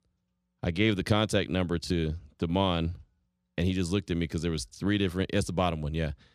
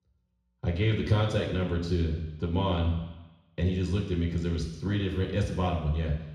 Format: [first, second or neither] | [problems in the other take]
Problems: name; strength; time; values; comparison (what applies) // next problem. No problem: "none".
first | room echo; noticeable; dies away in 1 s // off-mic speech; far